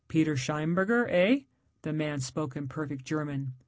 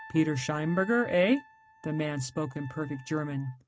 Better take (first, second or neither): first